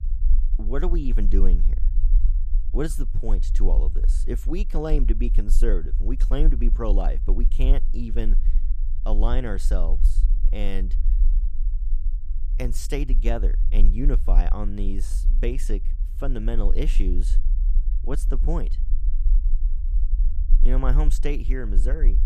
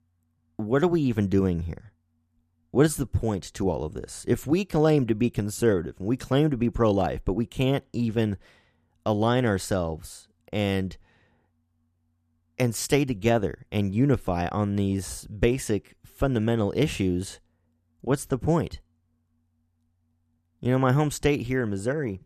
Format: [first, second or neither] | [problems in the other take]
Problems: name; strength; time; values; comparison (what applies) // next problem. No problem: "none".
second | low rumble; noticeable; throughout; 15 dB below the speech